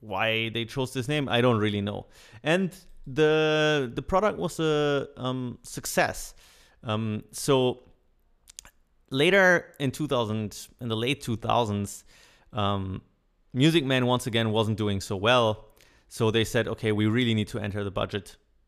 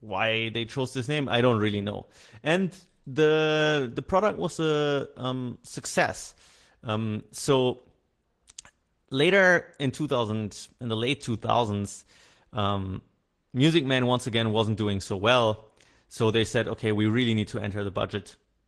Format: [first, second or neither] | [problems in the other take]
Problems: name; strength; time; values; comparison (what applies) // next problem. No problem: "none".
first | garbled, watery; slightly